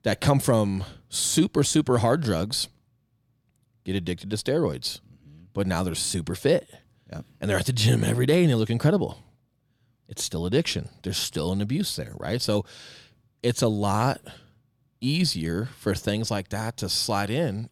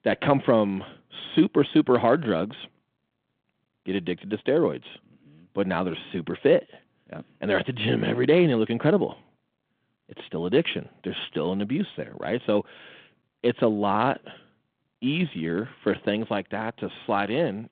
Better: first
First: none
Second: phone-call audio

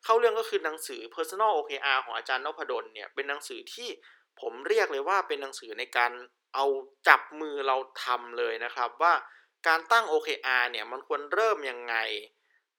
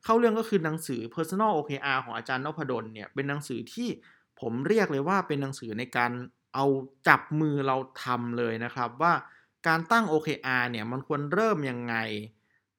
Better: second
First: thin; very; fading below 400 Hz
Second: none

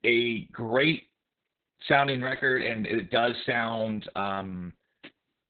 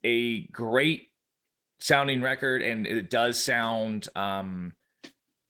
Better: second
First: garbled, watery; badly; nothing above 4 kHz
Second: garbled, watery; slightly; nothing above 19 kHz

